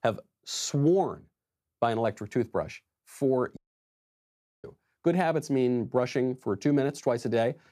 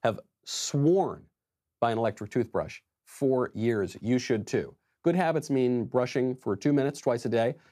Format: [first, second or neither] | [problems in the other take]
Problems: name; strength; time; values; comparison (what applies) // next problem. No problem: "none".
second | audio cutting out; at 3.5 s for 1 s